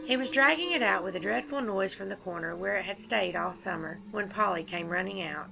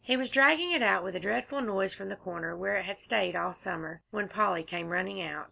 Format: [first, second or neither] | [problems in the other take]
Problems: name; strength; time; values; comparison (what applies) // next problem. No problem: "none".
second | background sound (Fill (with liquid)); 14 dB below the speech